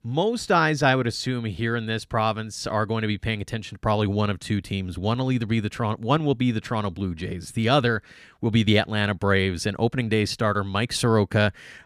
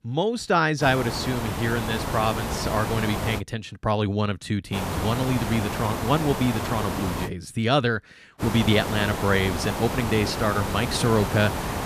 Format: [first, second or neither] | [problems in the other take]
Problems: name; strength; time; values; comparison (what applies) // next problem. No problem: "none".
first | hiss; loud; from 1 to 3.5 s, from 4.5 to 7.5 s and from 8.5 s on; 5 dB below the speech